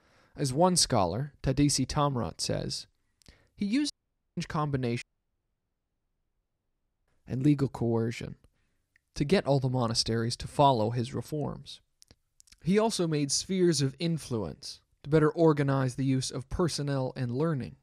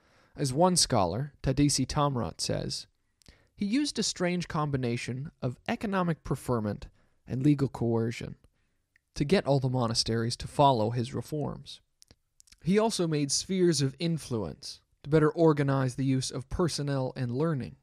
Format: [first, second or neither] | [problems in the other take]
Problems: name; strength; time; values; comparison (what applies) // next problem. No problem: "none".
second | audio cutting out; at 4 s and at 5 s for 2 s